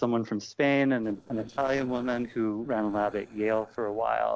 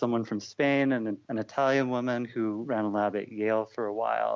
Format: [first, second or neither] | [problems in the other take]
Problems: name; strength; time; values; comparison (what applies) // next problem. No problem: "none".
second | noise reduction (neural separator model SepFormer DNS4)